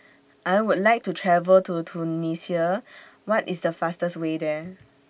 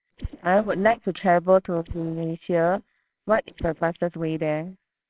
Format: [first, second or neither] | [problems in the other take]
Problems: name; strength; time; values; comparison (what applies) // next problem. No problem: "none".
first | noise reduction (neural separator model SepFormer WHAMR!)